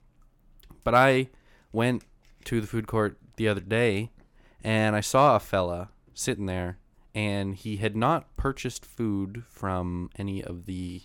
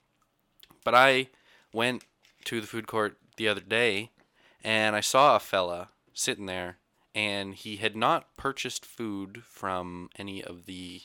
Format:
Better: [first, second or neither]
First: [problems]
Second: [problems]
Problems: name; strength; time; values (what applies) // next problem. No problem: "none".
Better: first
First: none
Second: thin; somewhat; fading below 1 kHz